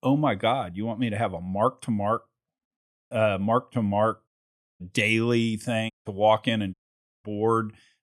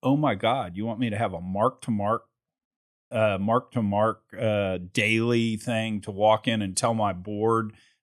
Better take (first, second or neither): second